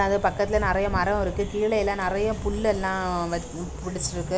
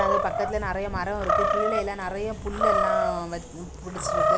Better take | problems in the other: first | background sound (Animal); 3 dB above the speech

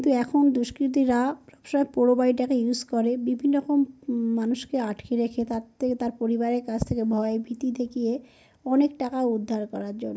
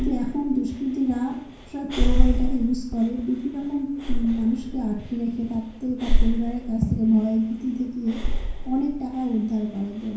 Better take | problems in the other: first | background sound (Breathing); as loud as the speech // room echo; dies away in 0.6 s

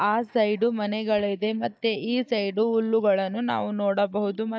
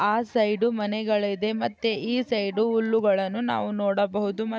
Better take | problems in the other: second | noise reduction (neural mask model DeepFilterNet 3)

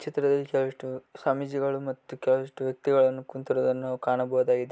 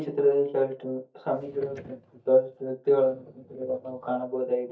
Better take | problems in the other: first | noise reduction (neural mask model DeepFilterNet 3)

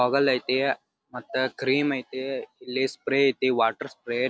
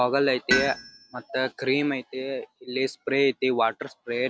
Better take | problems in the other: first | background sound (Tools); 8 dB below the speech

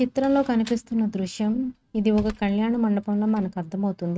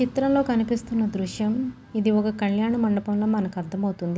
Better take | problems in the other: second | noise reduction (neural mask model RNNoise)

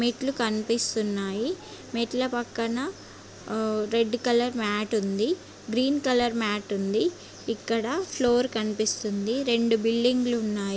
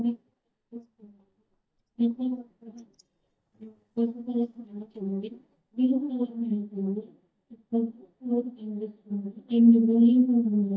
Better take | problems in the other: first | noise reduction (neural mask model DeepFilterNet 3)

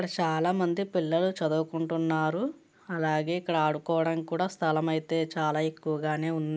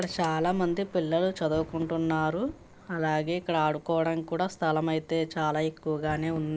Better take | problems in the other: first | background sound (Fireworks + Fire); 19 dB below the speech

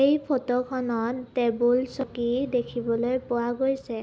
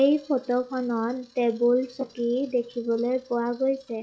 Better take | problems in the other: first | noise reduction (classical method log-MMSE)

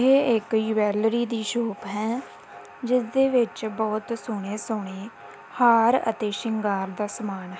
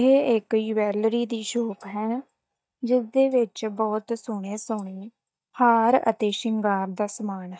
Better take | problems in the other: first | noise reduction (neural mask model DeepFilterNet 3)

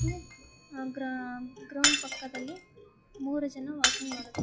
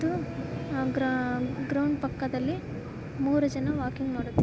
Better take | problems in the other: second | noise reduction (classical method log-MMSE)

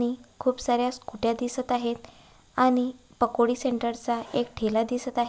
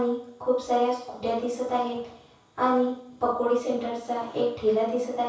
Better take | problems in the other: first | room echo; dies away in 0.6 s

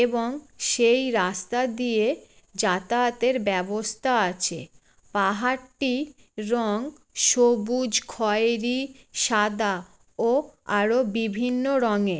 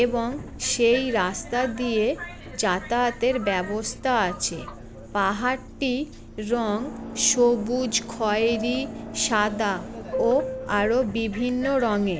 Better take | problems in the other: first | background sound (Subway, metro, underground); 11 dB below the speech

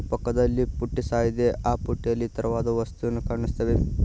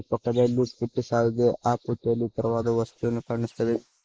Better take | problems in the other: first | noise reduction (neural mask model Resemble Enhance denoiser)

